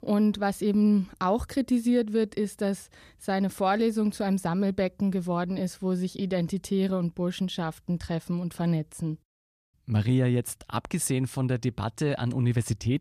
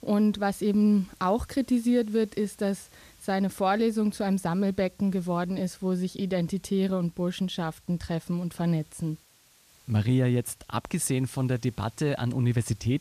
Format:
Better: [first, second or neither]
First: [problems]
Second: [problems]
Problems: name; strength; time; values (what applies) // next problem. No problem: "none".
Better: first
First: none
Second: hiss; faint; throughout; 30 dB below the speech